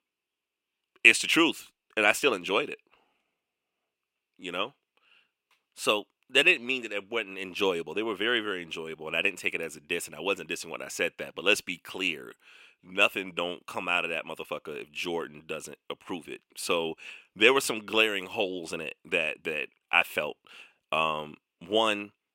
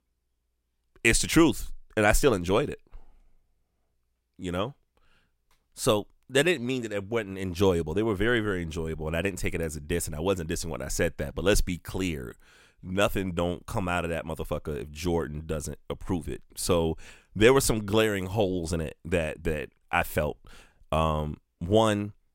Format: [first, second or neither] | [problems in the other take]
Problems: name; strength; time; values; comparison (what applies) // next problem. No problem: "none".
second | thin; somewhat; fading below 300 Hz